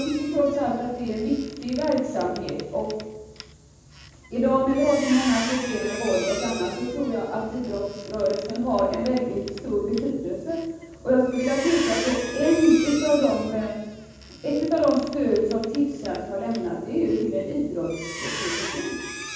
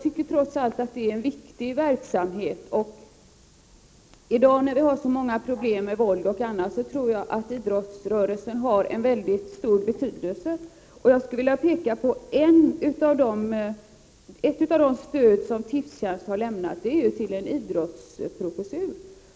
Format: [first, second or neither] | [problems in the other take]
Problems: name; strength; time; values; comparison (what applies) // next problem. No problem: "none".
second | background sound (Squeak); 13 dB below the speech // room echo; dies away in 1.2 s